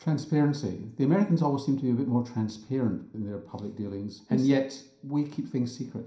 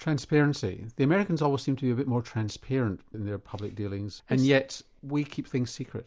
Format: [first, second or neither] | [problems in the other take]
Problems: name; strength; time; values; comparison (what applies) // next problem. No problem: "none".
second | room echo; dies away in 0.5 s